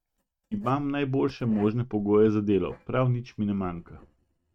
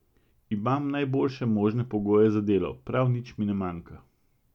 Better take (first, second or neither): second